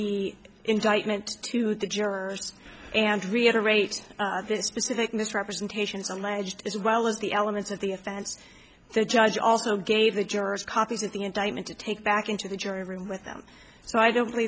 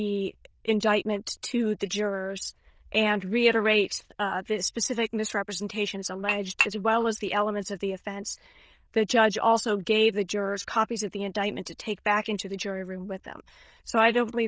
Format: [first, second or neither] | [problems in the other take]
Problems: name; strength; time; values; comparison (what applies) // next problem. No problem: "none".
first | noise reduction (neural diffusion model UNIVERSE++)